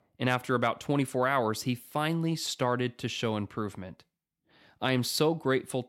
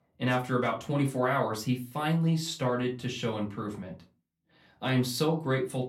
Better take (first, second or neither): first